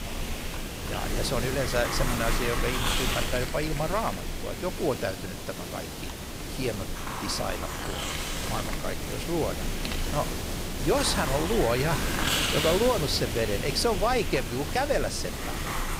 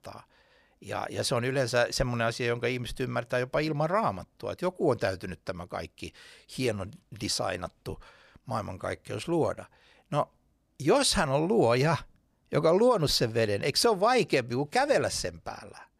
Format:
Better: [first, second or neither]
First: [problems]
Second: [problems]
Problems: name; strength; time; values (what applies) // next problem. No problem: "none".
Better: second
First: hiss; loud; throughout; 2 dB below the speech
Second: none